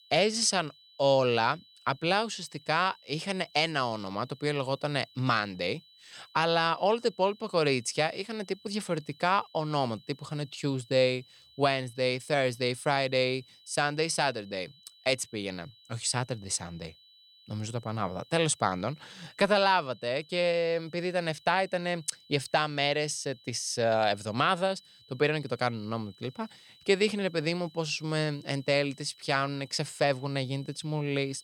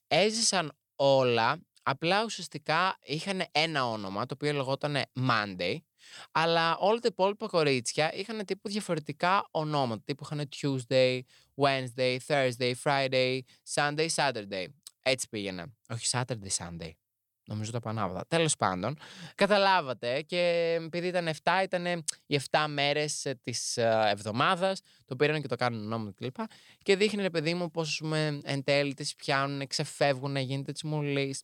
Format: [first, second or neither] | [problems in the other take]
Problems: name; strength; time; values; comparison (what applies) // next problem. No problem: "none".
second | high-pitched whine; faint; throughout; 4 kHz, 25 dB below the speech